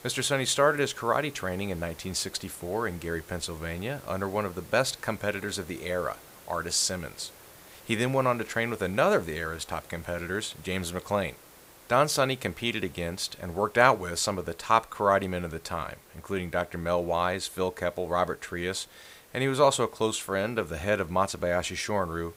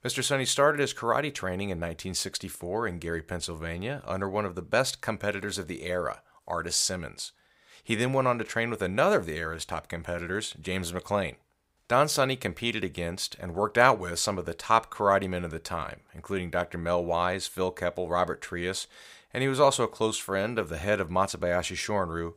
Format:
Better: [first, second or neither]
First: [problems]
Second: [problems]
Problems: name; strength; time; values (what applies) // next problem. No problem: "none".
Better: second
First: hiss; faint; throughout; 20 dB below the speech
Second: none